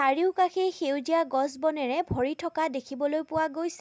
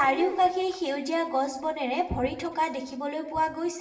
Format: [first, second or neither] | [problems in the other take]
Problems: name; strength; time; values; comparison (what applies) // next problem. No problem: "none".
first | background sound (Dog); 20 dB below the speech // room echo; dies away in 0.8 s